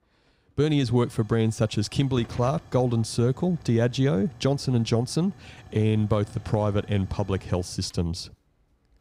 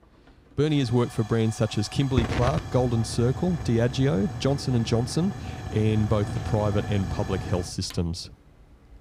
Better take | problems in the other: first | hiss; loud; throughout; 9 dB below the speech; faint in the first

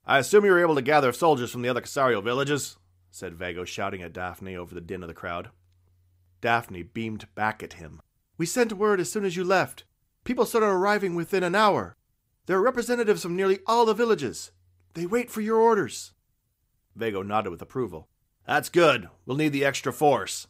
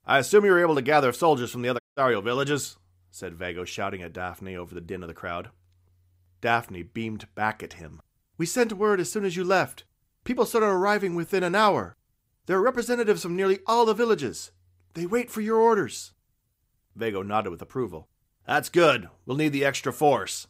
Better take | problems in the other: first | audio cutting out; at 2 s

